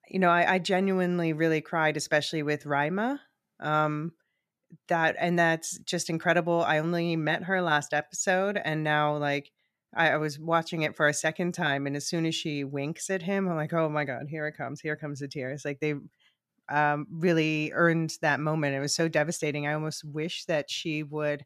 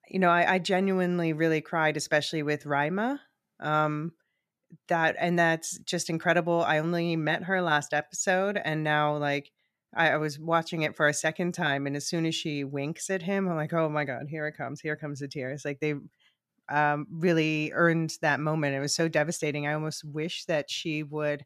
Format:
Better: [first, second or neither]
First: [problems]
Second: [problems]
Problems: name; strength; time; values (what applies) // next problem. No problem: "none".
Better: neither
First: none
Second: none